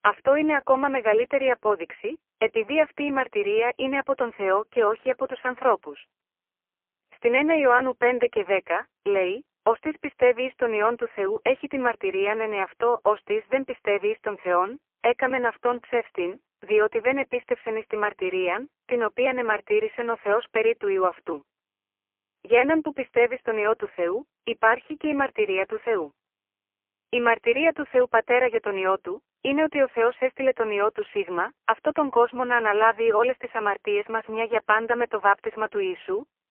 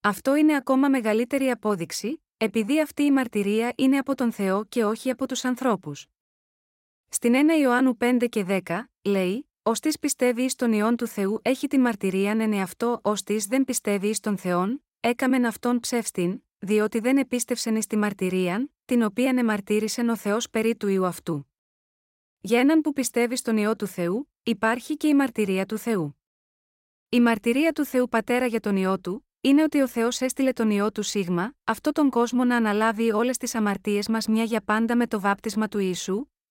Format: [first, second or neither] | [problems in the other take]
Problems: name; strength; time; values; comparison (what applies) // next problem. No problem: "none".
second | phone-call audio; poor line; nothing above 3 kHz